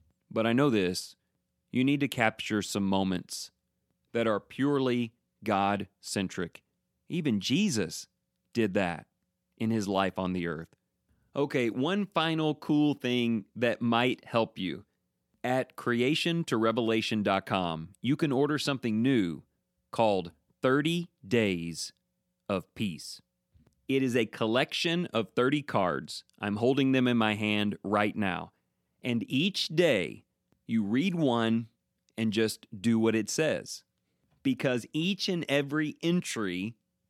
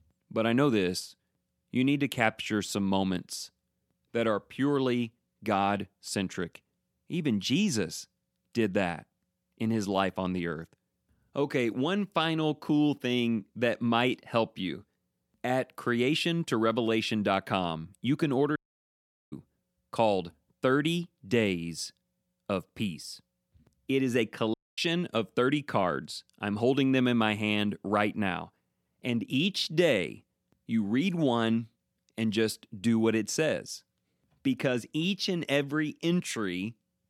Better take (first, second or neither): first